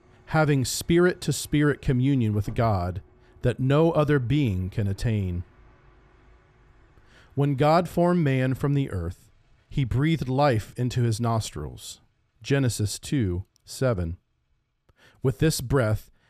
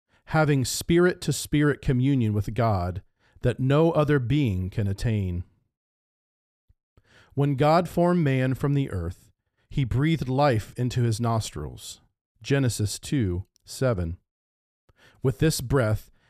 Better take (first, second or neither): second